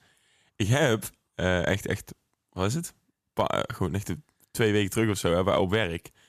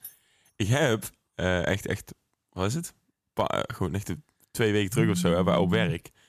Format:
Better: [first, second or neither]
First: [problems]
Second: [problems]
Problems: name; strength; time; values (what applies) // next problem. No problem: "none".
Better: first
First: none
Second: jangling keys; faint; at the start; peak 20 dB below the speech // phone ringing; noticeable; from 5 s on; peak level with the speech